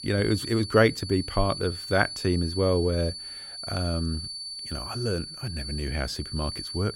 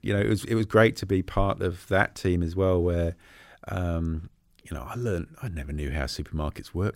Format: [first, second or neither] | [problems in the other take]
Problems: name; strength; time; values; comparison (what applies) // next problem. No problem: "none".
second | high-pitched whine; loud; throughout; 4.5 kHz, 8 dB below the speech